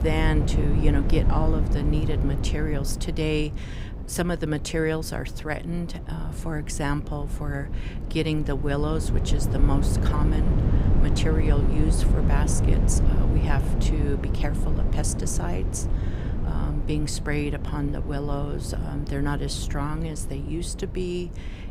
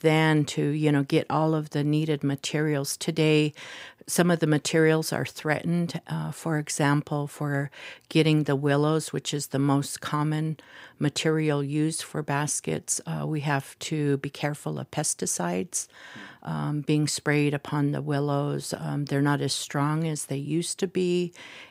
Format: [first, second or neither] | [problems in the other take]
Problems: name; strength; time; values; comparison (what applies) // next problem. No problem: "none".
second | low rumble; loud; throughout; 6 dB below the speech